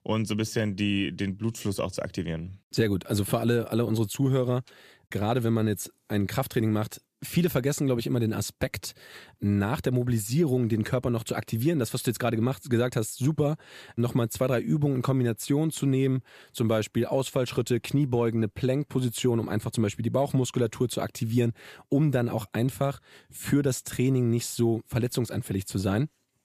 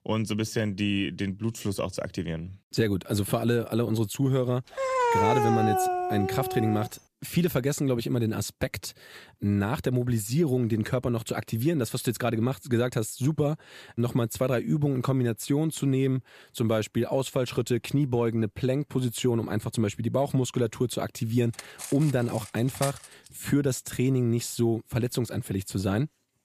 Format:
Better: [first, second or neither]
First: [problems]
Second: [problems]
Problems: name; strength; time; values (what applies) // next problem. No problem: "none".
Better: first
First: none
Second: dog barking; loud; from 5 to 7 s; peak 4 dB above the speech // clattering dishes; noticeable; from 22 to 23 s; peak 8 dB below the speech